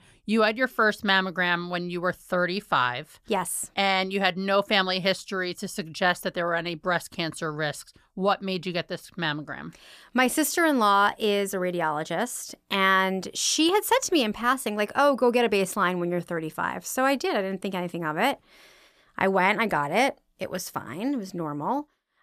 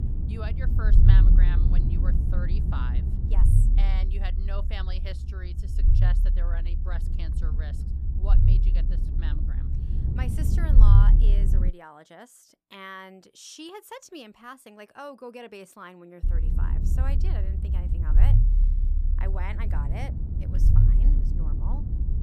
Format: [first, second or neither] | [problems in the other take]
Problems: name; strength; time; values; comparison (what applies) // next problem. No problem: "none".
first | low rumble; loud; until 12 s and from 16 s on; 1 dB below the speech